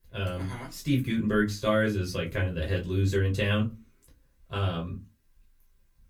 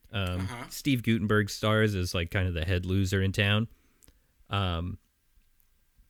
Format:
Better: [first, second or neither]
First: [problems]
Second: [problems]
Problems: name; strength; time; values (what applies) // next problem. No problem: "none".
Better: second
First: off-mic speech; far // room echo; very slight; dies away in 0.2 s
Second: none